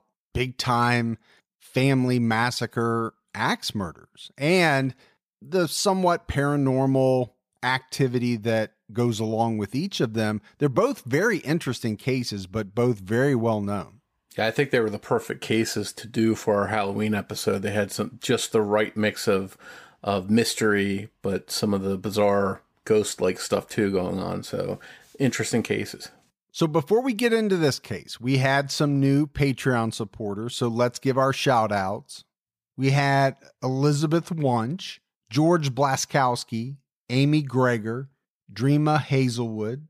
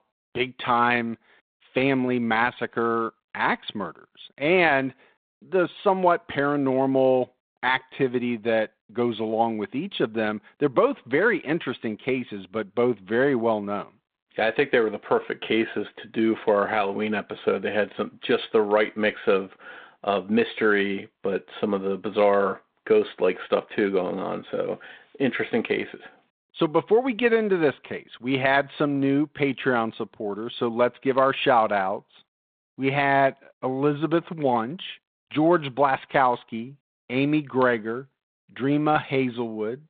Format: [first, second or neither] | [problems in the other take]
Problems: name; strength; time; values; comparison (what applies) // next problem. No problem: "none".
first | phone-call audio; nothing above 3.5 kHz